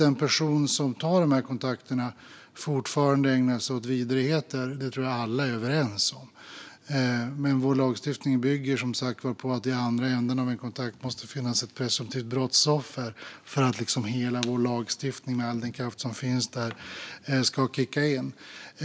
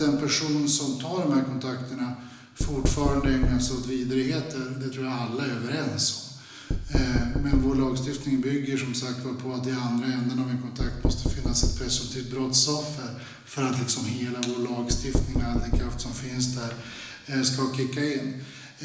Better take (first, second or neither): first